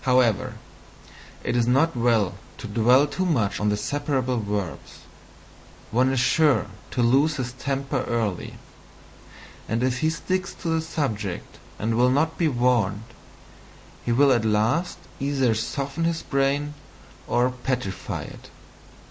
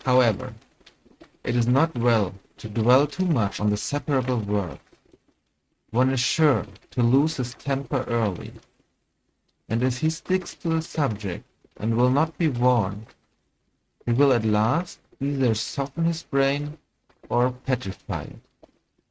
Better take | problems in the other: first | noise reduction (neural mask model RNNoise)

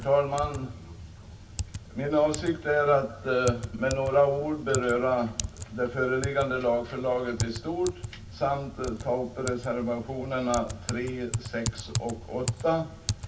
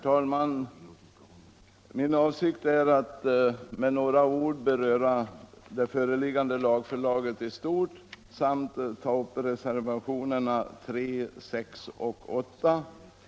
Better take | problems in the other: second | background sound (Typing); 9 dB below the speech // room echo; dies away in 0.2 s

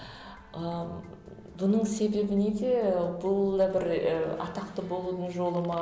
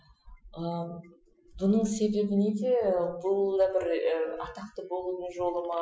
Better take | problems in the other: first | noise reduction (classical method Wiener filter)

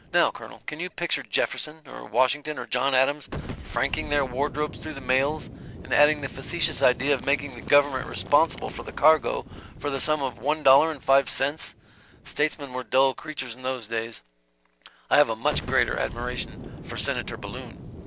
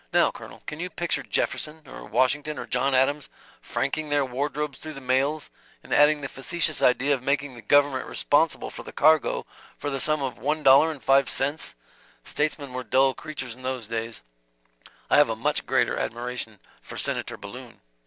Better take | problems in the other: second | background sound (Boom); 14 dB below the speech

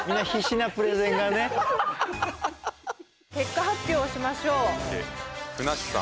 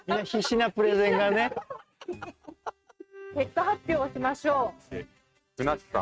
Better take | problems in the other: first | noise reduction (neural mask model RNNoise)

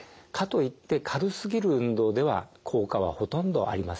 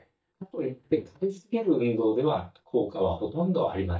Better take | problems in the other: first | noise reduction (neural mask model DeepFilterNet 3)

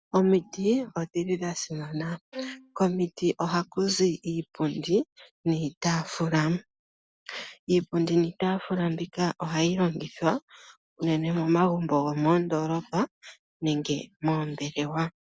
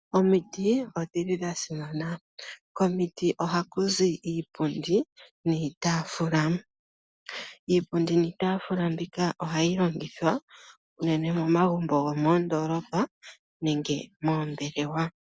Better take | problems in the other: second | background sound (Bowed string instrument); 15 dB below the speech

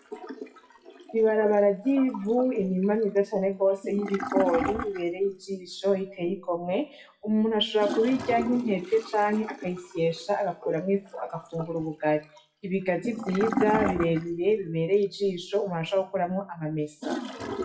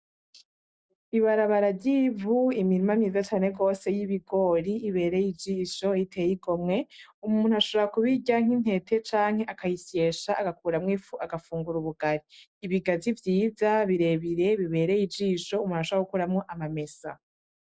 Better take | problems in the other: second | noise reduction (classical method WPE with log-MMSE)

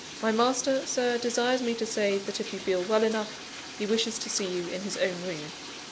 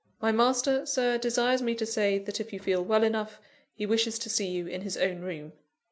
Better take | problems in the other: second | background sound (Bathtub (filling or washing)); 12 dB below the speech

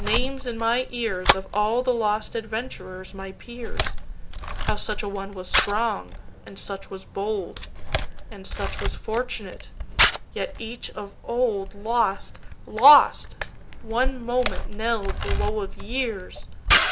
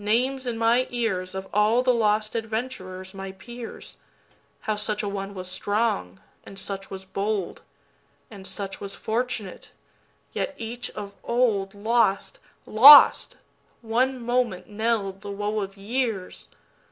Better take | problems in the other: second | background sound (Camera); 1 dB below the speech

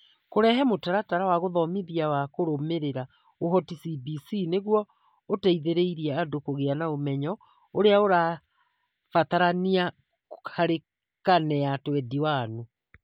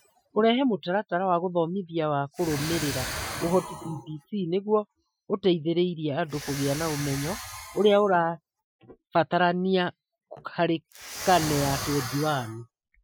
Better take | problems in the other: first | noise reduction (classical method Wiener filter)

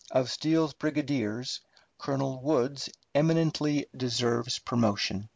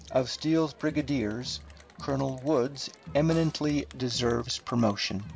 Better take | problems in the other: first | background sound (Snare drum + Crowd); 18 dB below the speech

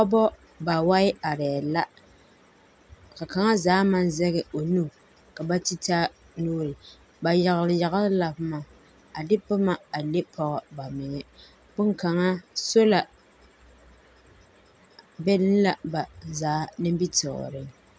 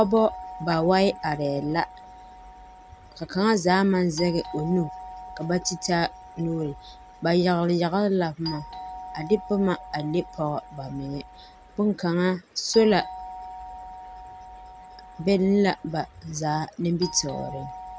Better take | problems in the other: first | background sound (Doorbell); 16 dB below the speech

